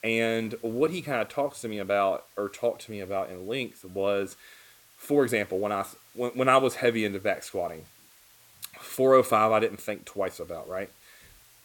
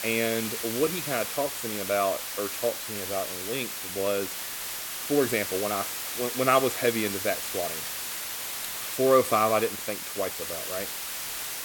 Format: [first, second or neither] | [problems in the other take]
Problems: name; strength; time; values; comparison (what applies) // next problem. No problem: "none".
first | hiss; loud; throughout; 3 dB below the speech; faint in the first